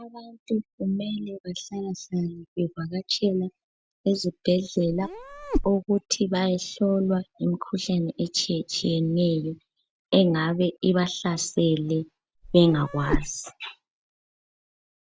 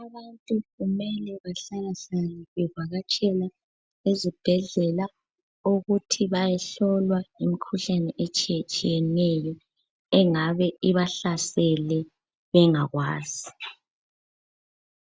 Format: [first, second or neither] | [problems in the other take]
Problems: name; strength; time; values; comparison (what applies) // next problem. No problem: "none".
second | background sound (Meow); 3 dB below the speech